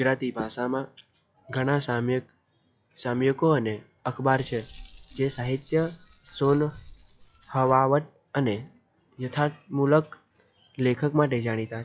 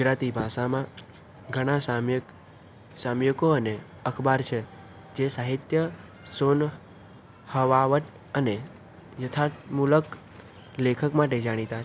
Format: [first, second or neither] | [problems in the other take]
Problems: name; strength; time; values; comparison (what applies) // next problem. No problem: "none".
second | noise reduction (classical method log-MMSE)